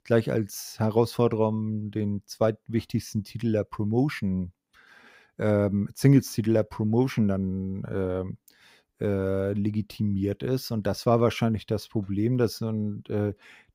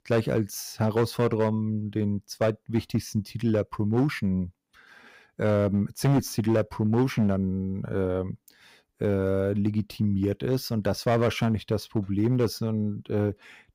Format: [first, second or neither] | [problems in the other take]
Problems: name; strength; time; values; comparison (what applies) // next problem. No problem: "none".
first | distortion; slight; 5% of the sound clipped